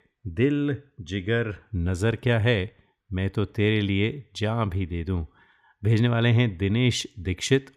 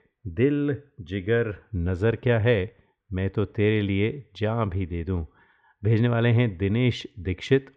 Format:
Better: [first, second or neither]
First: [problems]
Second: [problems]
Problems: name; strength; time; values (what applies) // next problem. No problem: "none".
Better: first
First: none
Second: muffled; slightly; fading above 2.5 kHz